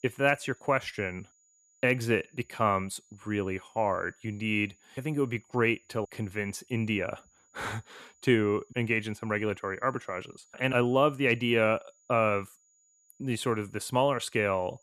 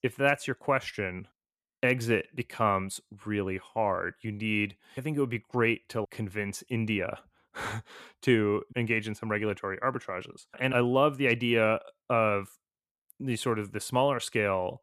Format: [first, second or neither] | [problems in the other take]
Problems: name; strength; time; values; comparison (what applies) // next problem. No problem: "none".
second | high-pitched whine; faint; throughout; 7 kHz, 35 dB below the speech